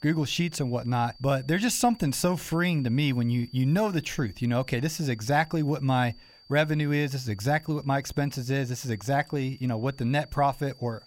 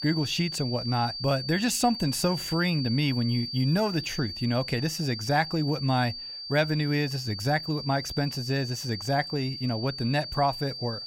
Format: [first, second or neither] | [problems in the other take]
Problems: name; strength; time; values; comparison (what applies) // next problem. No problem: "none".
first | high-pitched whine; loud; throughout; 4.5 kHz, 7 dB below the speech; faint in the first